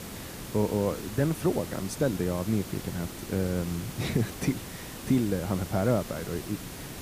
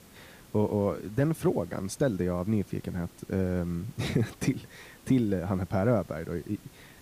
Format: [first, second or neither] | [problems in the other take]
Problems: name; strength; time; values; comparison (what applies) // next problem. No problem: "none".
second | hiss; loud; throughout; 10 dB below the speech; faint in the second